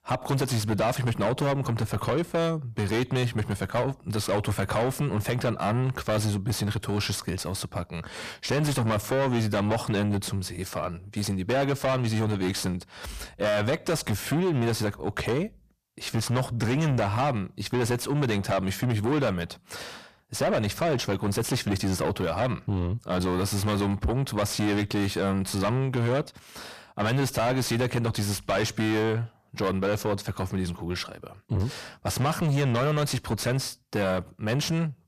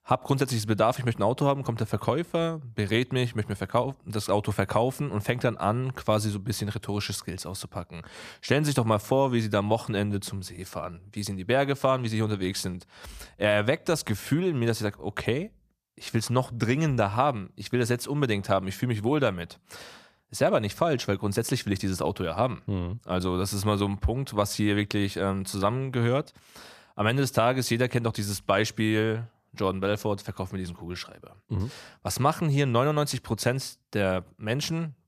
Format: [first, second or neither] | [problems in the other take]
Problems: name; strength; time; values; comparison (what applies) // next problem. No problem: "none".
second | distortion; heavy; 6 dB below the speech